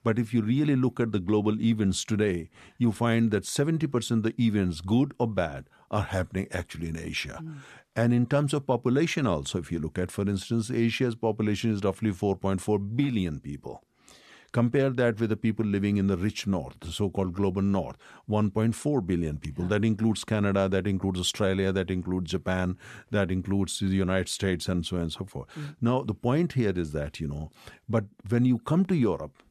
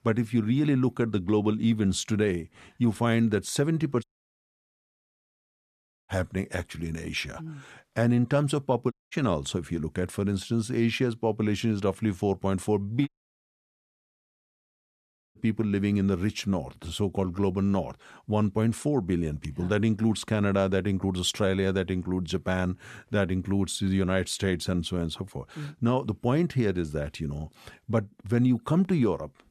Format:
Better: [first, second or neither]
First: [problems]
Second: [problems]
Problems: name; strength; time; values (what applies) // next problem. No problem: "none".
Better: first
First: none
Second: audio cutting out; at 4 s for 2 s, at 9 s and at 13 s for 2.5 s